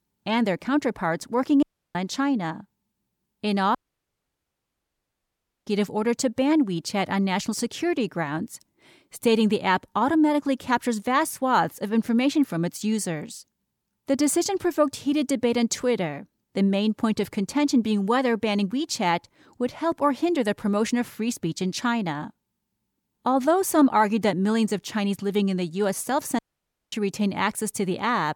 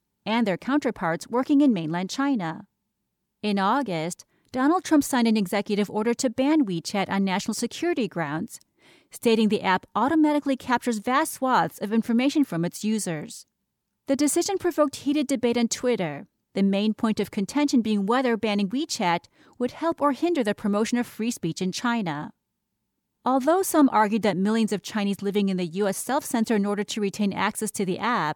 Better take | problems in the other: second | audio cutting out; at 1.5 s, at 4 s for 2 s and at 26 s for 0.5 s

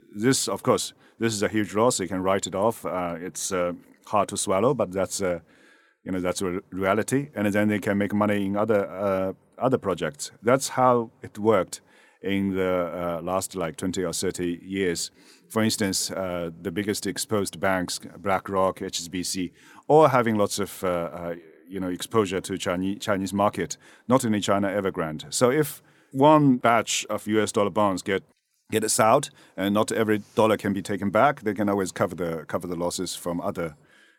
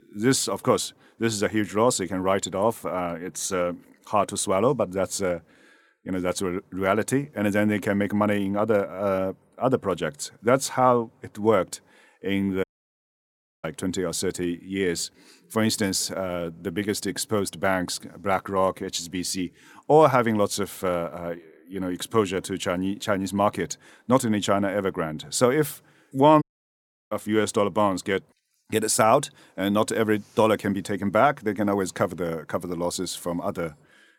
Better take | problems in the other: first | audio cutting out; at 13 s for 1 s and at 26 s for 0.5 s

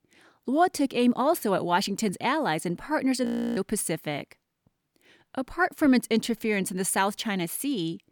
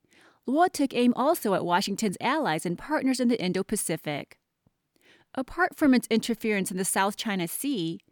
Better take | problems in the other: second | audio freezing; at 3.5 s

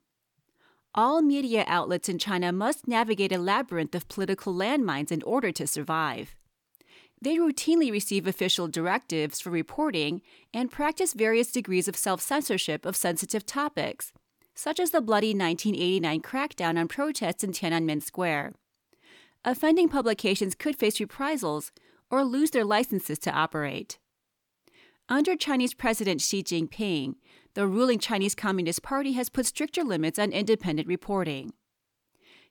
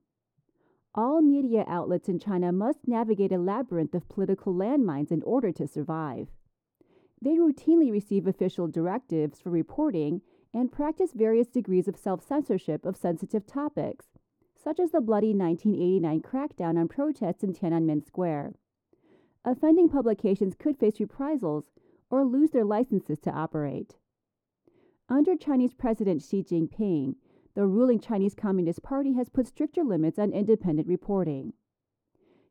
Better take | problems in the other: first | muffled; very; fading above 1.5 kHz

